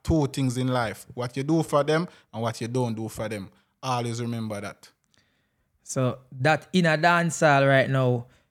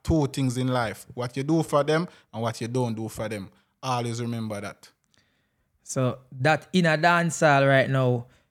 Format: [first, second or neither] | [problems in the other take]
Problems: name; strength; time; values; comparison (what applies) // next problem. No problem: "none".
neither | none